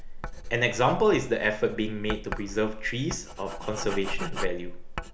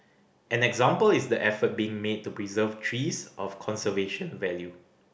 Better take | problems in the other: second | background sound (Writing); 5 dB below the speech

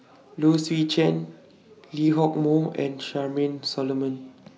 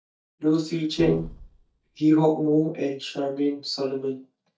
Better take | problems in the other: first | noise reduction (neural mask model DeepFilterNet 3)

